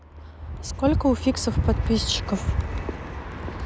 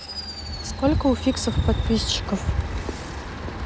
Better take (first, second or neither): first